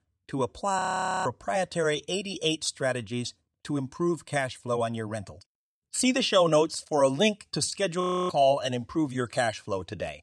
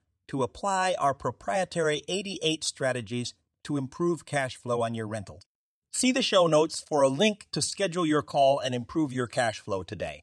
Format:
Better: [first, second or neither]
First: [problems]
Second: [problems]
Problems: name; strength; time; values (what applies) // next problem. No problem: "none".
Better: second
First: audio freezing; at 1 s and at 8 s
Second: none